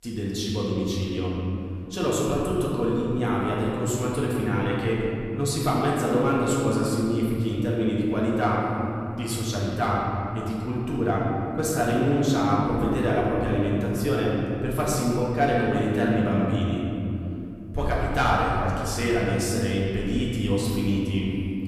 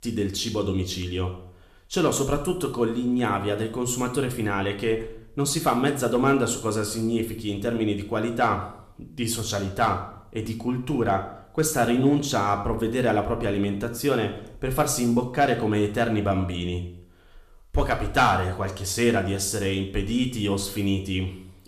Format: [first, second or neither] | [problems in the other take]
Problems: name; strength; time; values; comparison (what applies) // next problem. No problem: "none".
second | room echo; strong; dies away in 3 s; slight in the second // off-mic speech; far